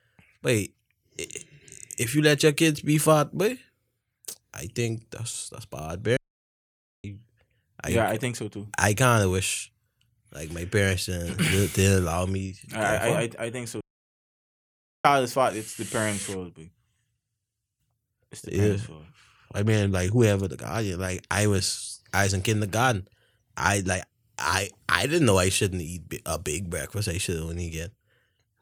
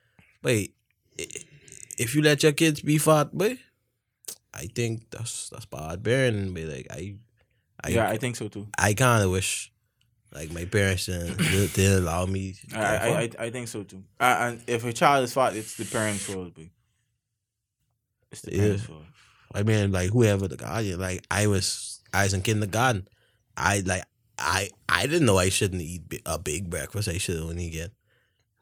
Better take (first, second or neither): second